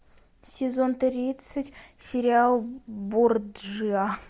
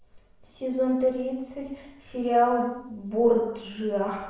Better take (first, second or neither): first